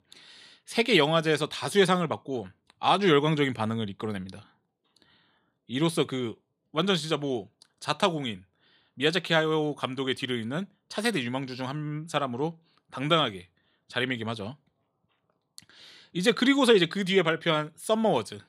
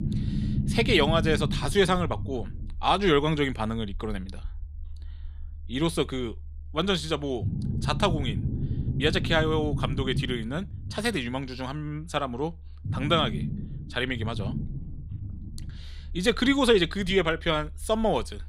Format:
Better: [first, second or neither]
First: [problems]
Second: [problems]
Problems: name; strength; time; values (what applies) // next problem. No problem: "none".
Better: first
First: none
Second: low rumble; noticeable; throughout; 15 dB below the speech